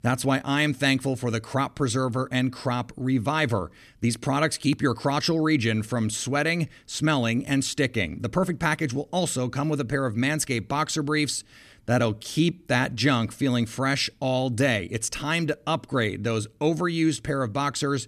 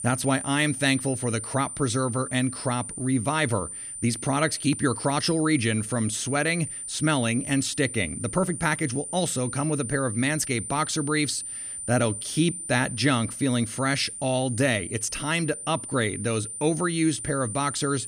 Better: first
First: none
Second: high-pitched whine; loud; throughout; 9 kHz, 7 dB below the speech

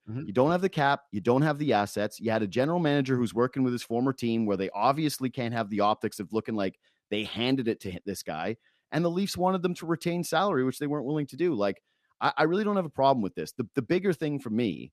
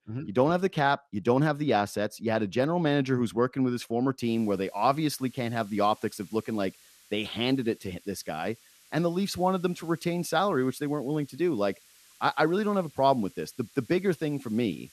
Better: first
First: none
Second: hiss; faint; from 4 s on; 25 dB below the speech

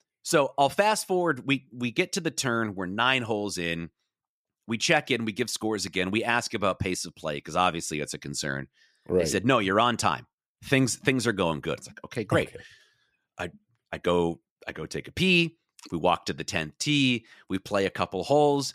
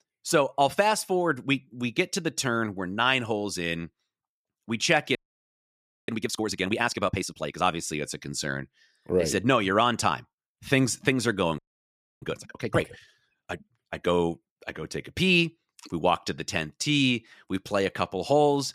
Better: first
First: none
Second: audio freezing; at 5 s for 1 s and at 12 s for 0.5 s

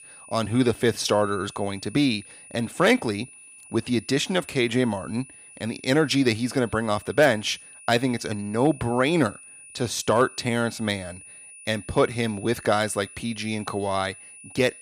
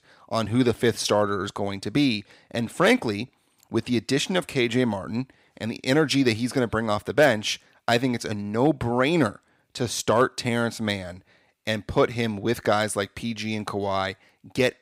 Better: second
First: high-pitched whine; noticeable; throughout; 9.5 kHz, 20 dB below the speech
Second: none

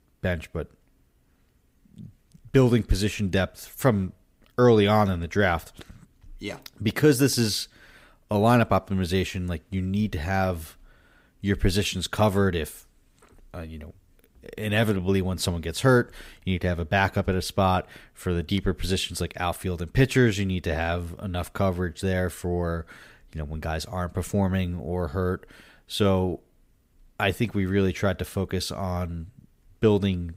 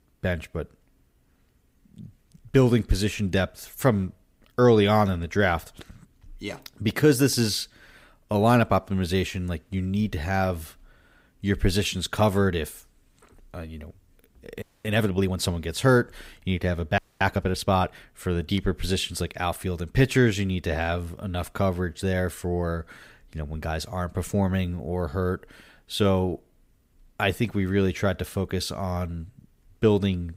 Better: first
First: none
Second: audio freezing; at 15 s and at 17 s

